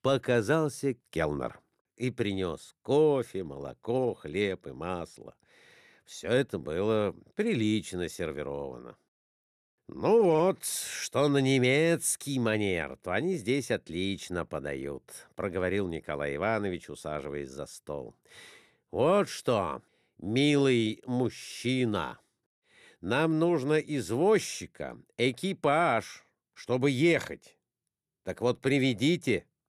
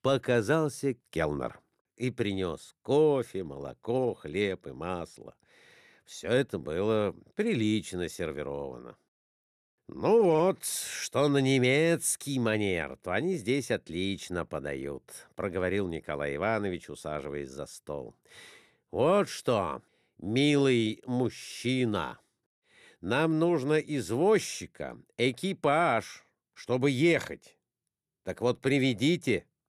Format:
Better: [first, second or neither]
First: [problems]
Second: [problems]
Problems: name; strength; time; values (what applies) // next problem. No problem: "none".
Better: neither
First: none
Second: none